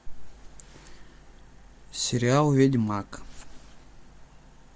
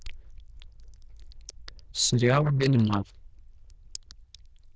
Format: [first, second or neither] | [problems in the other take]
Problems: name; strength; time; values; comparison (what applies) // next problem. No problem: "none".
first | noise reduction (neural diffusion model UNIVERSE++)